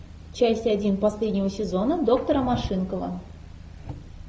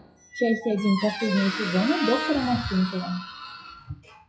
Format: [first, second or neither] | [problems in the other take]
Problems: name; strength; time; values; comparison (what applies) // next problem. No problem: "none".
first | noise reduction (classical method WPE with log-MMSE)